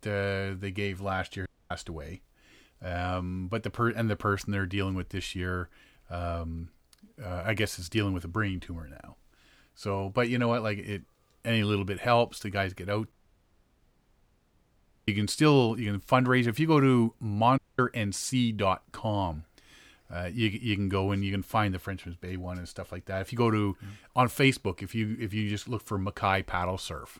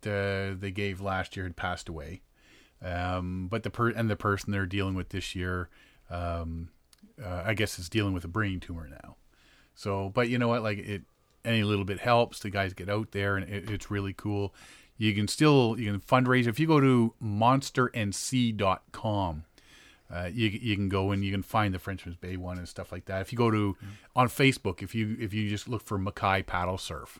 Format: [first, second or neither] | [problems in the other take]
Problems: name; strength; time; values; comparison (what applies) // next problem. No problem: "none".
second | audio cutting out; at 1.5 s, at 13 s for 2 s and at 18 s